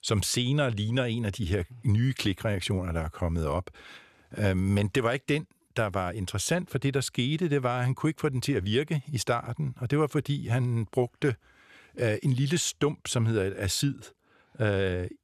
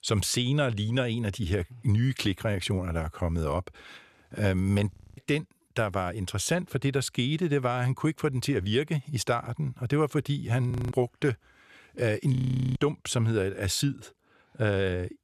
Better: first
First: none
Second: audio freezing; at 5 s, at 11 s and at 12 s

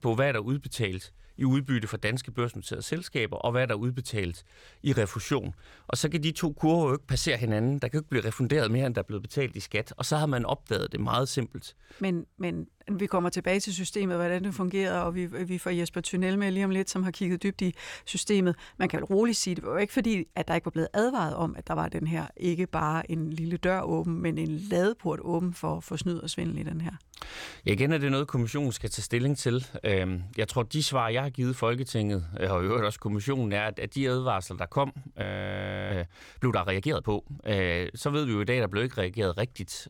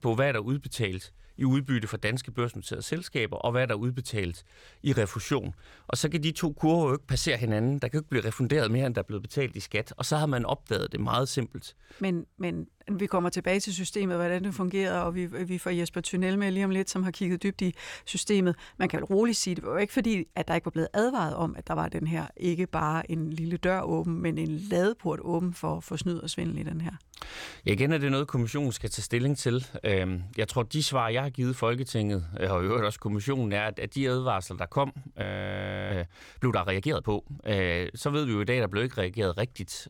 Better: neither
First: audio freezing; at 35 s for 0.5 s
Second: audio freezing; at 35 s for 0.5 s

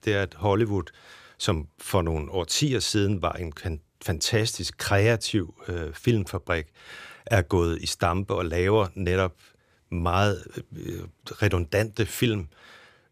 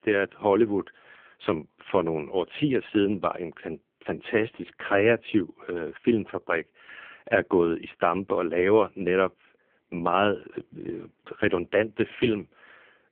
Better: first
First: none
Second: phone-call audio; poor line

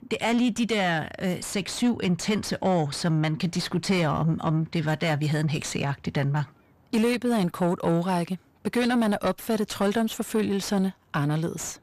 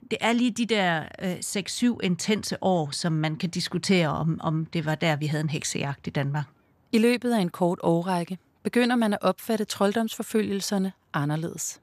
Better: second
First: distortion; slight; 10 dB below the speech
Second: none

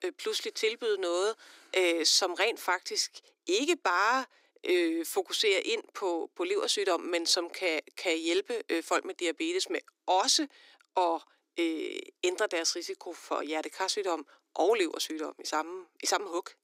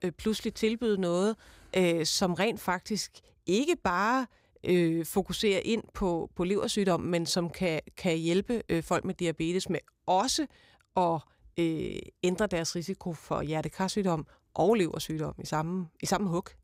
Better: second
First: thin; very; fading below 300 Hz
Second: none

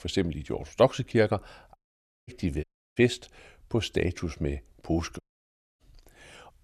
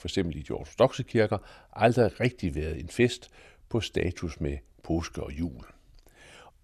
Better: second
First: audio cutting out; at 2 s for 0.5 s, at 2.5 s and at 5 s for 0.5 s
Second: none

